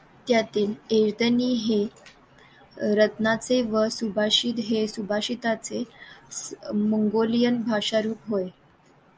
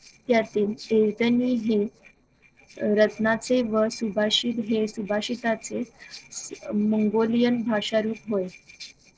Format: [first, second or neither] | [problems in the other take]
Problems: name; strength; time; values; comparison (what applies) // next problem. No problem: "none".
first | noise reduction (neural separator model SepFormer DNS4)